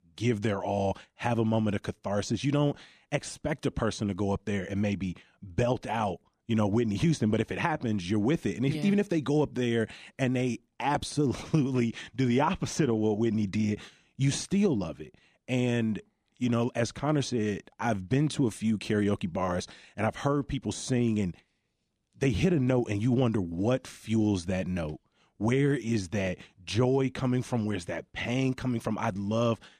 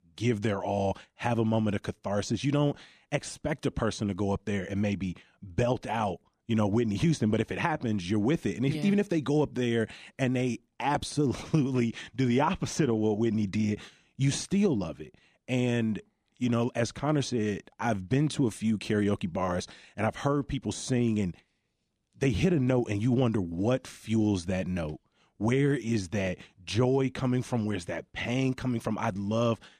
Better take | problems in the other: neither | none

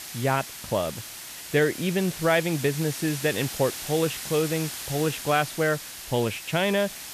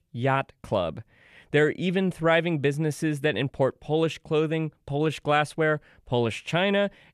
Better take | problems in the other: second | hiss; loud; throughout; 8 dB below the speech

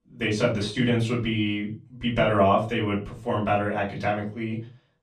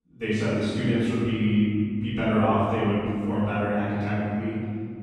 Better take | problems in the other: first | room echo; strong; dies away in 2.7 s; slight in the first // off-mic speech; far; far in the first

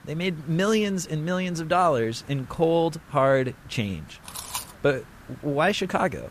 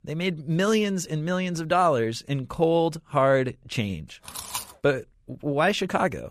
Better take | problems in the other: second | hiss; faint; throughout; 25 dB below the speech

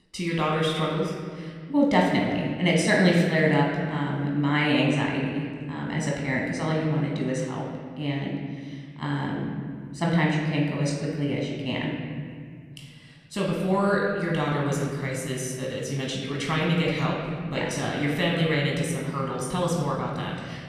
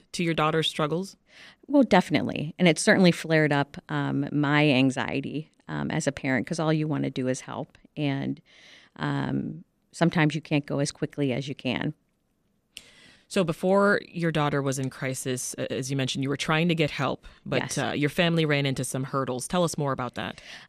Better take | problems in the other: second | off-mic speech; somewhat distant // room echo; noticeable; dies away in 2.1 s

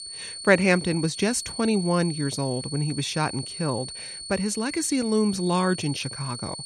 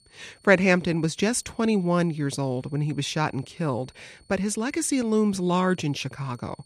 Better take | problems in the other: second | high-pitched whine; loud; throughout; 4.5 kHz, 9 dB below the speech; faint in the second

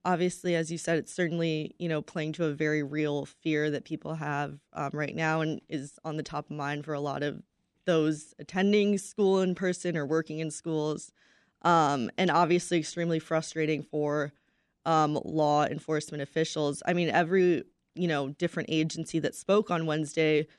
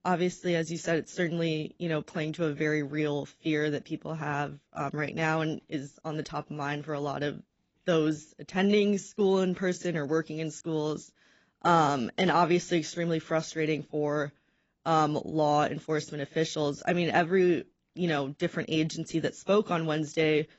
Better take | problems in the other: first | garbled, watery; badly; nothing above 7.5 kHz

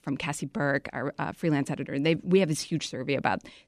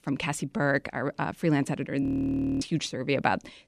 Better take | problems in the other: first | audio freezing; at 2 s for 0.5 s

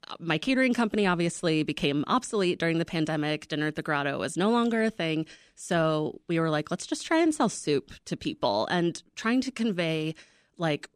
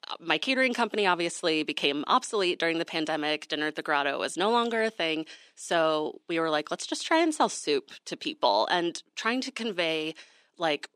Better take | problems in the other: first | thin; somewhat; fading below 400 Hz

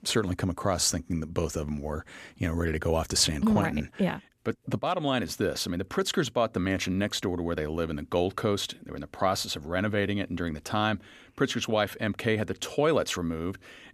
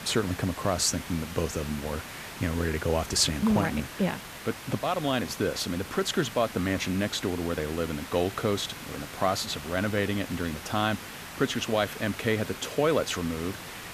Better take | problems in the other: first | hiss; noticeable; throughout; 10 dB below the speech

